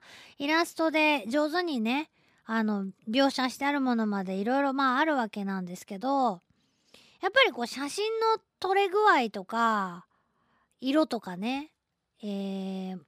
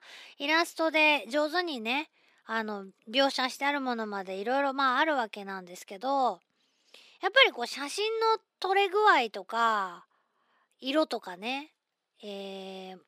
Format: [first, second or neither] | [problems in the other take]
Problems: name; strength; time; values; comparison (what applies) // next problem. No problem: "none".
first | thin; somewhat; fading below 400 Hz